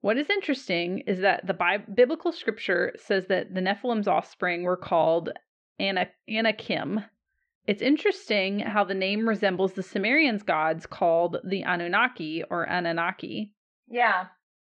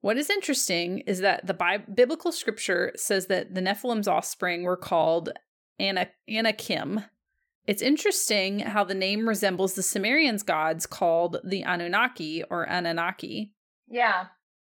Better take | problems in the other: second | muffled; slightly; fading above 3.5 kHz

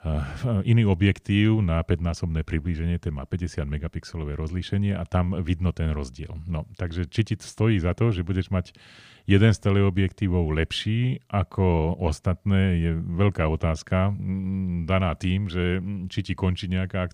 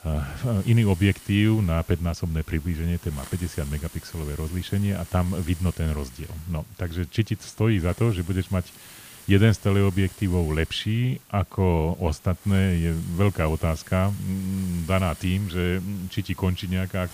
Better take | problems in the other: first | hiss; noticeable; throughout; 20 dB below the speech

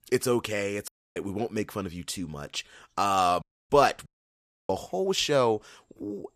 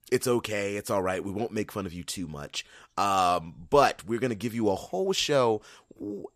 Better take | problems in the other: second | audio cutting out; at 1 s, at 3.5 s and at 4 s for 0.5 s

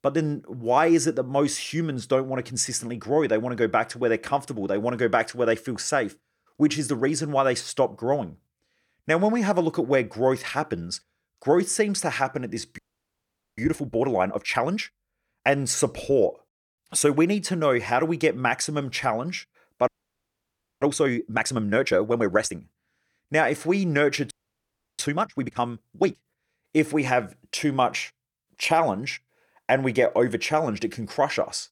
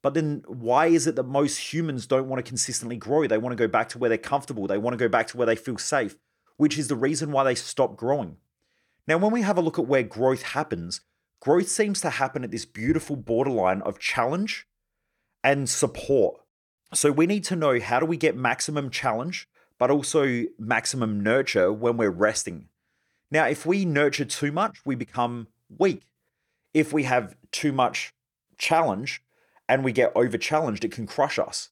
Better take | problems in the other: second | audio freezing; at 13 s for 1 s, at 20 s for 1 s and at 24 s for 0.5 s

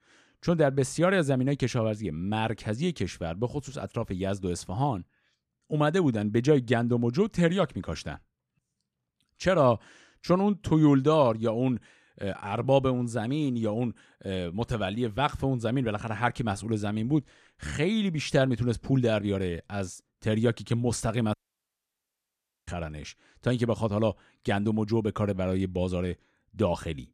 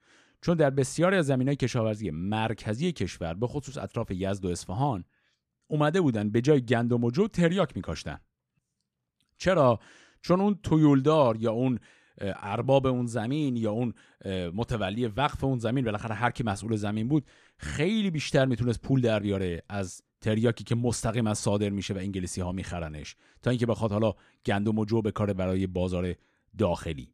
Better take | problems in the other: second | audio cutting out; at 21 s for 1.5 s

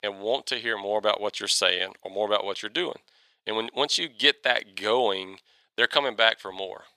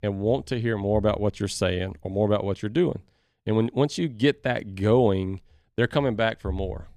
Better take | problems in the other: second | thin; very; fading below 800 Hz

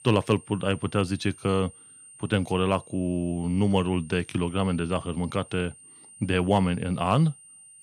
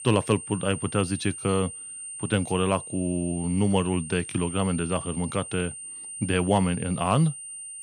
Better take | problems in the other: first | high-pitched whine; loud; throughout; 9 kHz, 10 dB below the speech; faint in the first

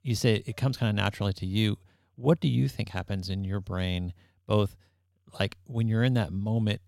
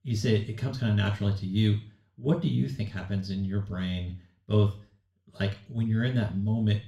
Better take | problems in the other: first | room echo; slight; dies away in 0.4 s // off-mic speech; somewhat distant

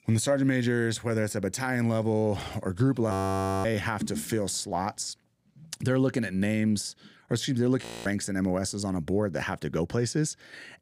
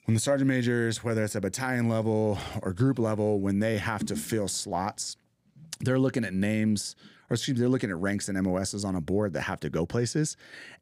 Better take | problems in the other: second | audio freezing; at 3 s for 0.5 s and at 8 s

